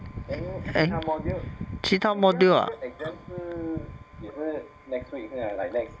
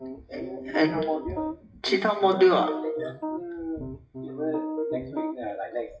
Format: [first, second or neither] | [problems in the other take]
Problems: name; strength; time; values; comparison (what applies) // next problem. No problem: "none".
first | noise reduction (classical method WPE with log-MMSE)